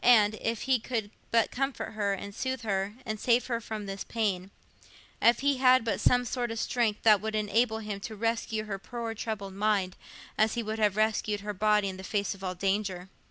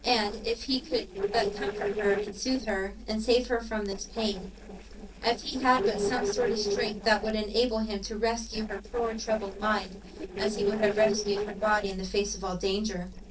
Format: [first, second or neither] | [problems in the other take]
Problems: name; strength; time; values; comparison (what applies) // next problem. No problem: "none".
first | noise reduction (neural separator model SepFormer DNS4)